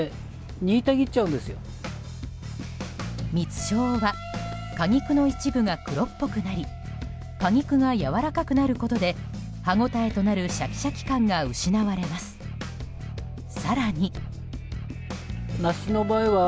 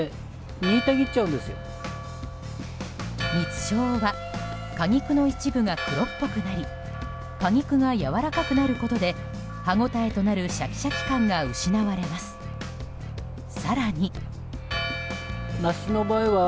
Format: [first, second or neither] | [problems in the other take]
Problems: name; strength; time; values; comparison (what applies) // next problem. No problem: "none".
first | background sound (Church bell); 12 dB below the speech